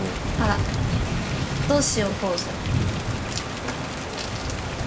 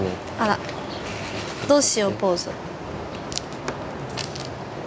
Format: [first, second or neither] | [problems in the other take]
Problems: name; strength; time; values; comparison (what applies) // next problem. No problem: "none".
second | background sound (Thunder / Rain); 2 dB above the speech // room echo; dies away in 0.2 s